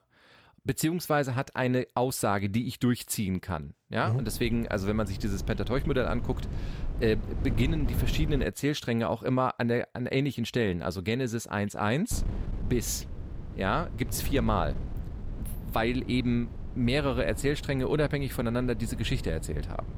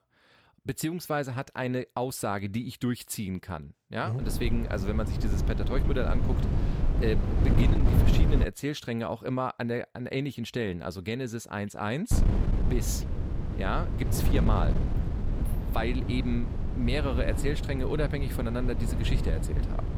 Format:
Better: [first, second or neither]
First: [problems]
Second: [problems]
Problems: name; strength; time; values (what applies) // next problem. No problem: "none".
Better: first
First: wind noise on the microphone; occasional gusts; from 4 to 8.5 s and from 12 s on; 15 dB below the speech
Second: wind noise on the microphone; heavy; from 4 to 8.5 s and from 12 s on; 5 dB below the speech